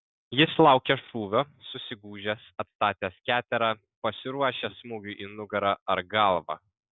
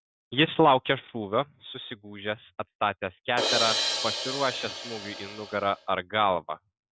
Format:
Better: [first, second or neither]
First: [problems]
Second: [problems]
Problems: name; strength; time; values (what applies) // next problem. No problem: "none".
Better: first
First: none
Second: background sound (Crash cymbal); 2 dB below the speech